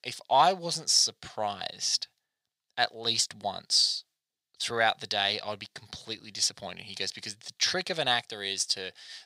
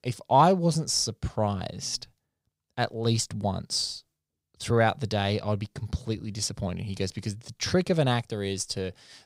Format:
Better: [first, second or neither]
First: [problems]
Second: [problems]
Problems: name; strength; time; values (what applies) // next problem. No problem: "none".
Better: second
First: thin; very; fading below 1 kHz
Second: none